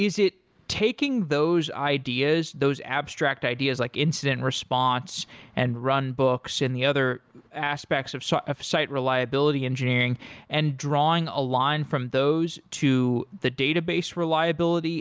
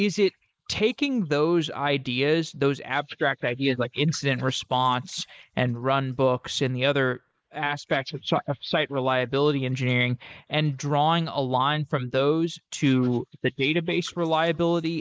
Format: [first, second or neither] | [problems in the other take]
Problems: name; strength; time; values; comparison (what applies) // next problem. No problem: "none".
first | noise reduction (neural mask model Resemble Enhance denoiser)